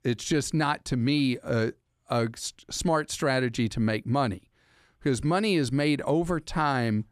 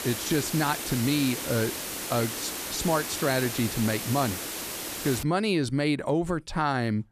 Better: first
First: none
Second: hiss; loud; until 5 s; 4 dB below the speech

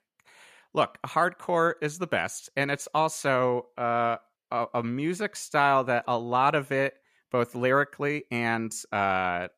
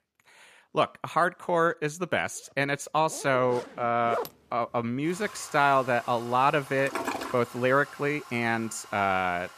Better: first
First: none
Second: household noises; noticeable; throughout; 15 dB below the speech

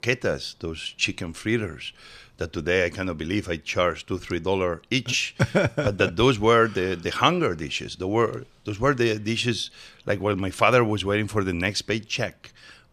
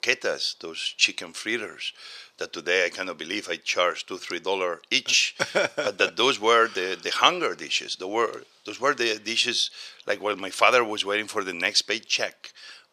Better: first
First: none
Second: thin; somewhat; fading below 450 Hz

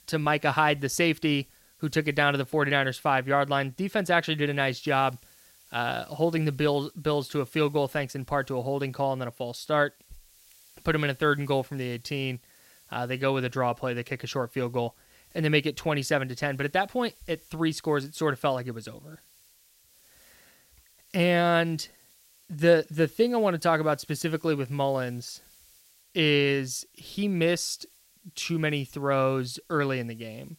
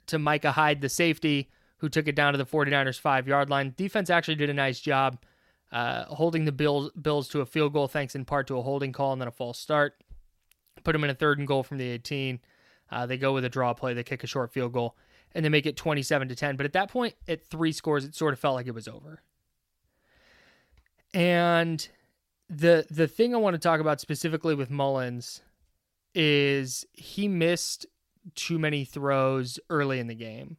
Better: second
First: hiss; faint; throughout; 30 dB below the speech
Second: none

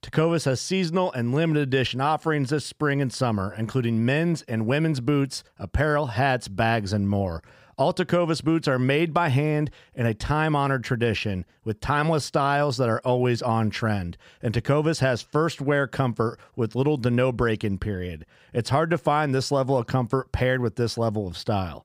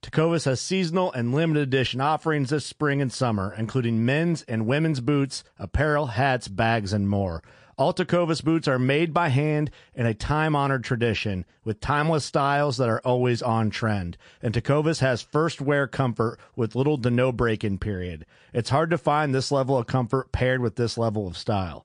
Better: first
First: none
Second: garbled, watery; slightly; nothing above 8 kHz

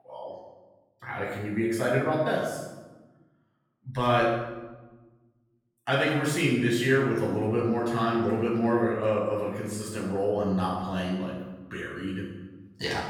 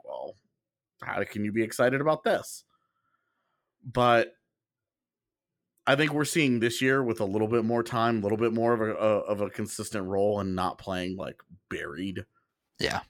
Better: second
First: off-mic speech; far // room echo; noticeable; dies away in 1 s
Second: none

